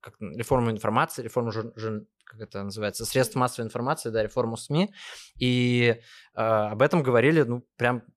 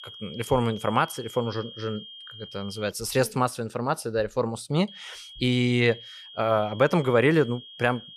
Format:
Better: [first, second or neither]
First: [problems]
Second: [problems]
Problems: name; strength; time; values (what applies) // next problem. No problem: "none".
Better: first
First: none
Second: high-pitched whine; noticeable; until 3 s and from 5 s on; 3 kHz, 15 dB below the speech